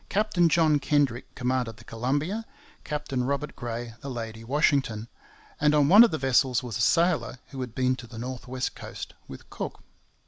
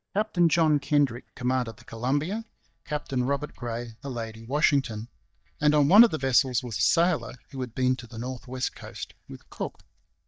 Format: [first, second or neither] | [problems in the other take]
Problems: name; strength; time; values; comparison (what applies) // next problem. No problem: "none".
first | noise reduction (neural mask model DeepFilterNet 3)